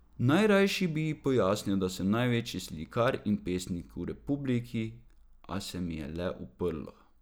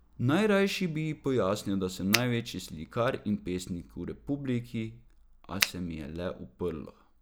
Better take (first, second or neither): first